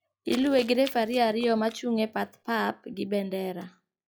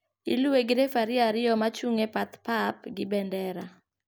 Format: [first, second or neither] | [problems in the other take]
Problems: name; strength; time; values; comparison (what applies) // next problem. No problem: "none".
second | noise reduction (classical method log-MMSE)